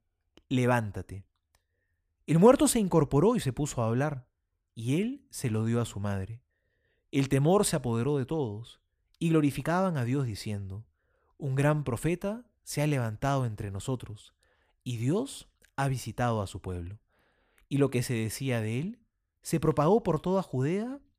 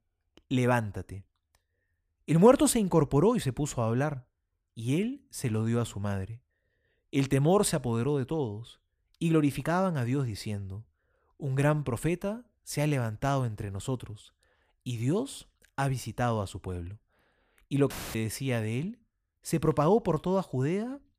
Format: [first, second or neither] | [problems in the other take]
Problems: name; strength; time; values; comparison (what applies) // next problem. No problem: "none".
first | audio cutting out; filled with static; at 18 s